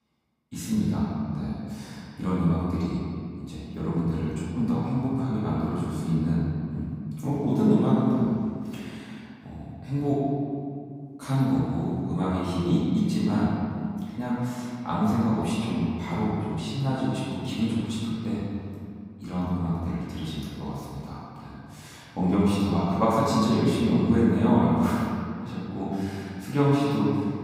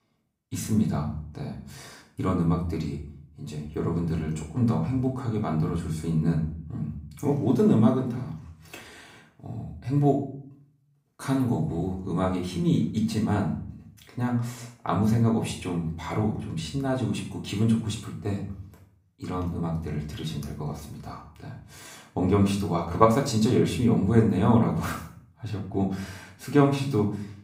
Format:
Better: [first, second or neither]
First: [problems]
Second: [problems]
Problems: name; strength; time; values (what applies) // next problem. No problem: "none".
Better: second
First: room echo; strong; dies away in 2.1 s // off-mic speech; far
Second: room echo; slight; dies away in 0.5 s // off-mic speech; far